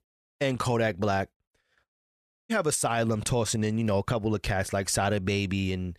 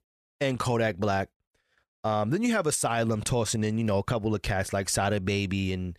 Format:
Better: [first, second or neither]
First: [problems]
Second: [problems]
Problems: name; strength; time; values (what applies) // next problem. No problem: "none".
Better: second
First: audio cutting out; at 2 s for 0.5 s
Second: none